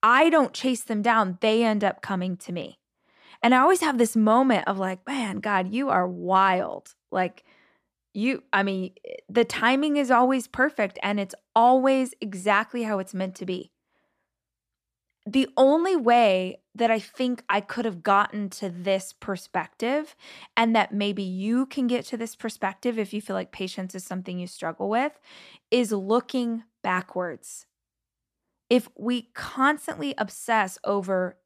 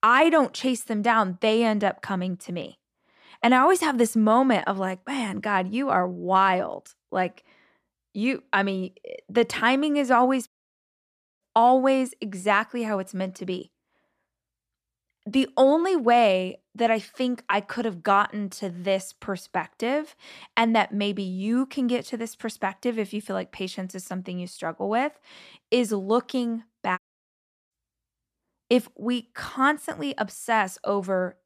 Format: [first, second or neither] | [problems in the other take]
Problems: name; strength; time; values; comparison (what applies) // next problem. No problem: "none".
first | audio cutting out; at 10 s for 1 s and at 27 s for 0.5 s